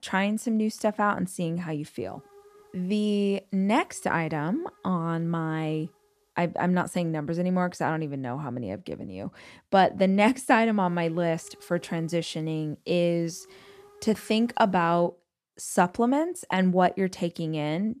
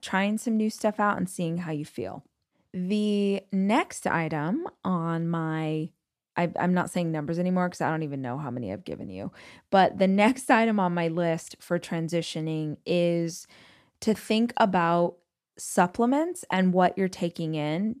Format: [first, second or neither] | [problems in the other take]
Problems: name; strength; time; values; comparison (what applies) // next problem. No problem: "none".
second | hiss; faint; from 2 to 6.5 s and from 11 to 15 s; 30 dB below the speech